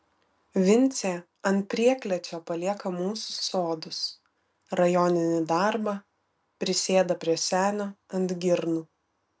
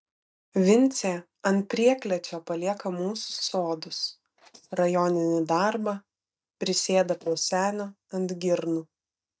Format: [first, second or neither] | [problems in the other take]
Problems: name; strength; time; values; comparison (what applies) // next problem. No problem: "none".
first | noise reduction (neural mask model DeepFilterNet 3)